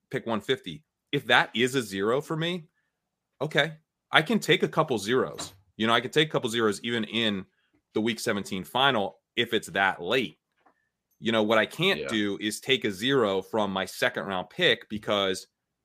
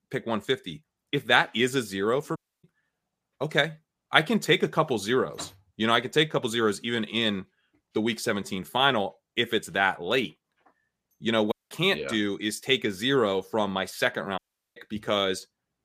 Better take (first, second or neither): first